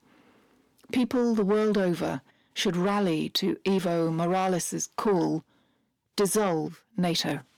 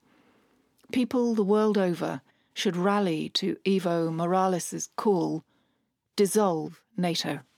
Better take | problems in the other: second | distortion; slight; 10 dB below the speech

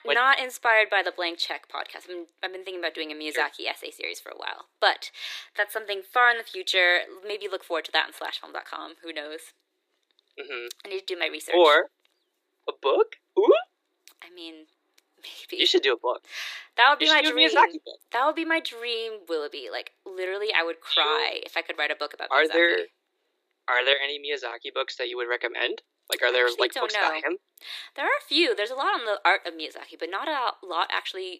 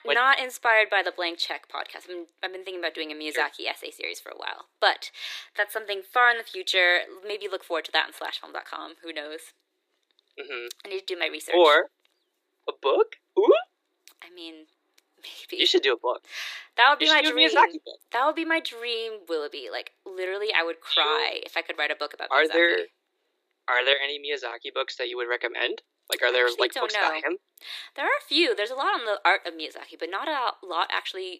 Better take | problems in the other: neither | thin; very; fading below 350 Hz; the same in both

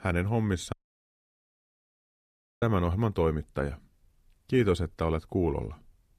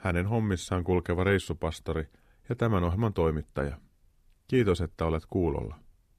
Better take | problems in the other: second | audio cutting out; at 0.5 s for 2 s

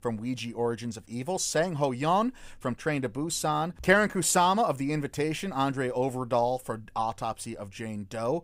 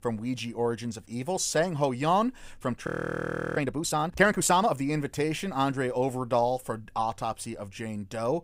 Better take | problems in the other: first | audio freezing; at 3 s for 0.5 s

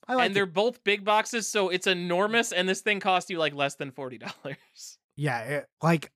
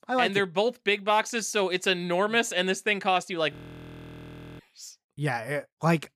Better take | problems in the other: first | audio freezing; at 3.5 s for 1 s

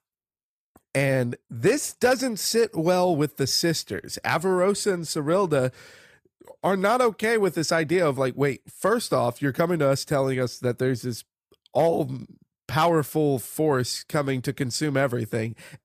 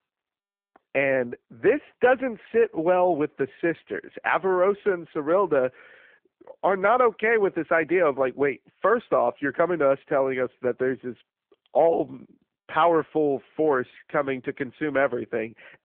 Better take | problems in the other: first | phone-call audio

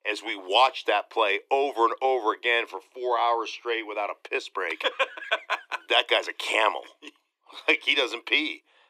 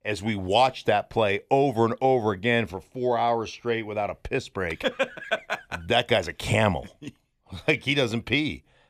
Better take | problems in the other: second | thin; very; fading below 300 Hz

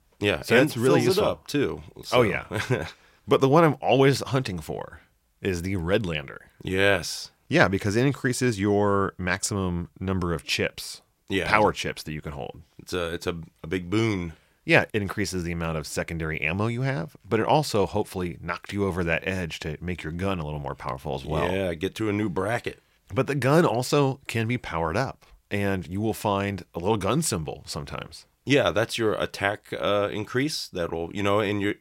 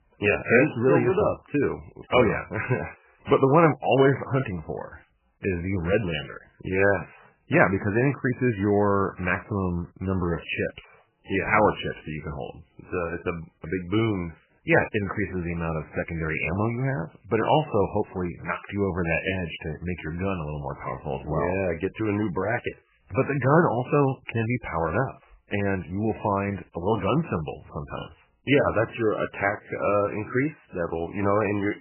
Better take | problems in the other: first | garbled, watery; badly; nothing above 3 kHz

